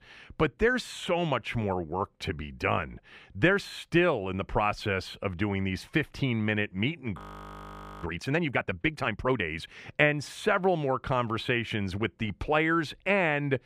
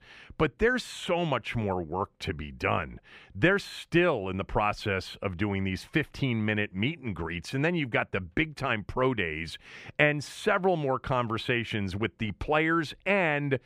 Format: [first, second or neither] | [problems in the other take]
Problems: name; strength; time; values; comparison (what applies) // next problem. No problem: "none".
second | audio freezing; at 7 s for 1 s